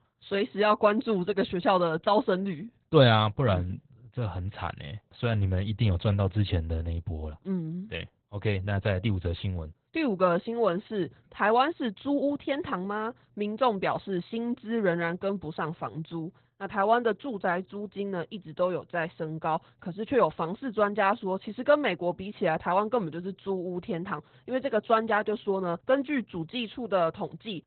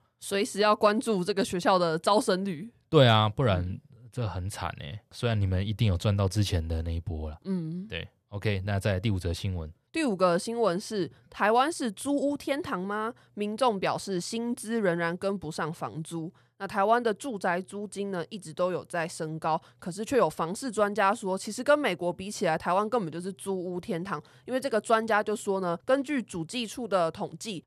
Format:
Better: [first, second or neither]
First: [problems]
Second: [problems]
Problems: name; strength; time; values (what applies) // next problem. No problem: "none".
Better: second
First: garbled, watery; badly; nothing above 4 kHz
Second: none